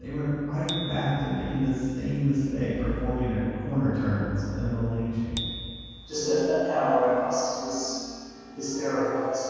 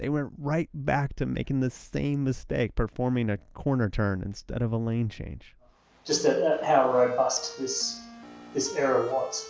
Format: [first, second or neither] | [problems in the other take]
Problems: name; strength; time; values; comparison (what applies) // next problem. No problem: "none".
second | background sound (Bicycle bell); 16 dB below the speech // room echo; dies away in 2.1 s